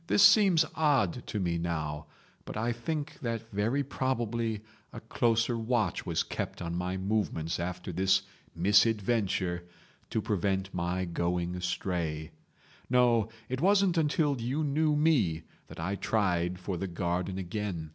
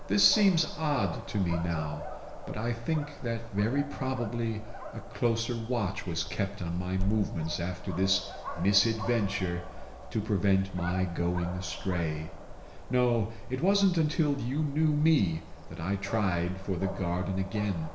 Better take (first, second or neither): first